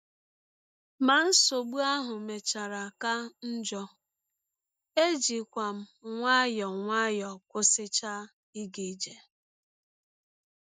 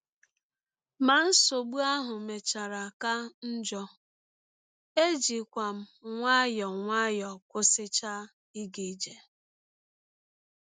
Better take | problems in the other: second | noise reduction (neural mask model DeepFilterNet 3)

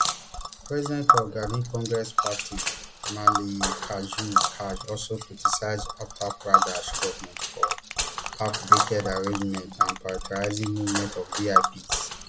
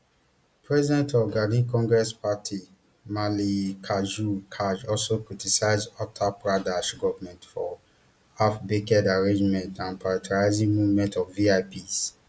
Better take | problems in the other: second | background sound (Tick); 4 dB above the speech

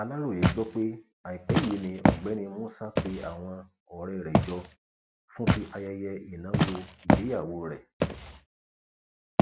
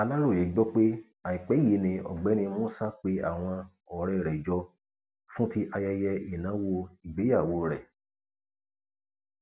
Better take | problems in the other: second | background sound (Walk, footsteps); 5 dB above the speech

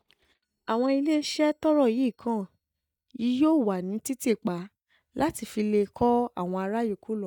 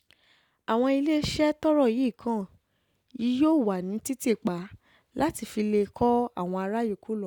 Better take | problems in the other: second | noise reduction (neural mask model DeepFilterNet 3)

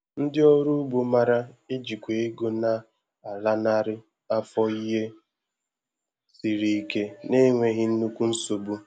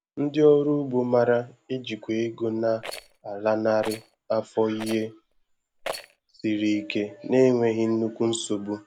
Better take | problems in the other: first | background sound (Rattle); 16 dB below the speech

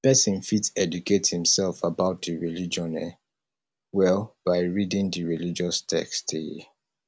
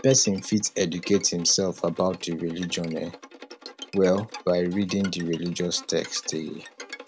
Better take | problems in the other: first | background sound (Bowed string instrument); 17 dB below the speech

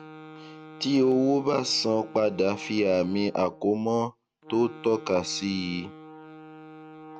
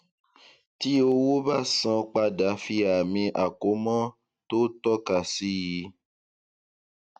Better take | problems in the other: second | background sound (Wind instrument, woodwind instrument); 18 dB below the speech

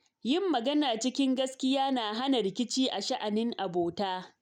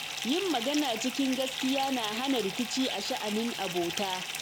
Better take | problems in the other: first | background sound (Fill (with liquid) / Bathtub (filling or washing)); 5 dB below the speech

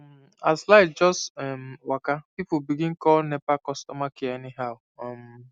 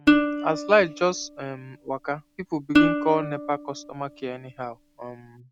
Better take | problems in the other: first | background sound (Plucked string instrument); 1 dB above the speech

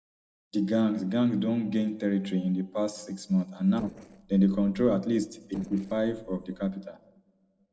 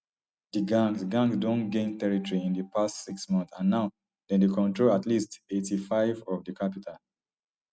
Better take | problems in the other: second | noise reduction (neural separator model SepFormer DNS4)

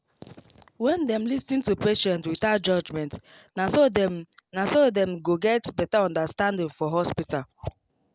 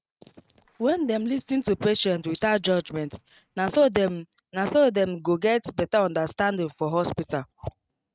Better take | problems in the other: first | noise reduction (neural mask model RNNoise)

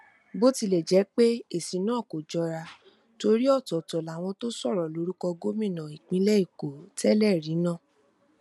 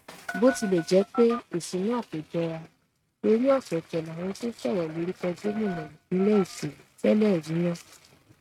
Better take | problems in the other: first | noise reduction (neural mask model RNNoise)

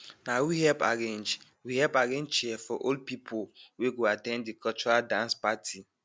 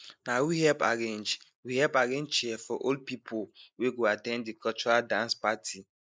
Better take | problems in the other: first | noise reduction (neural mask model Resemble Enhance denoiser)

